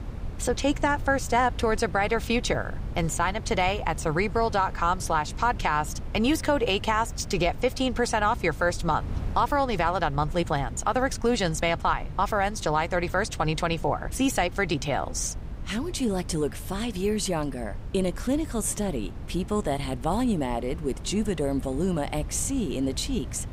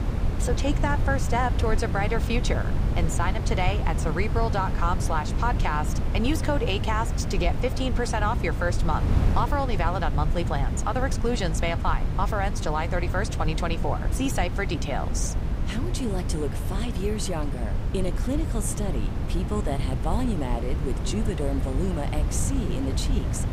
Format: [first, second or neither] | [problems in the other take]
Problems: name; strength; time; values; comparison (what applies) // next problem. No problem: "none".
first | wind noise on the microphone; heavy; 8 dB below the speech; occasional gusts in the first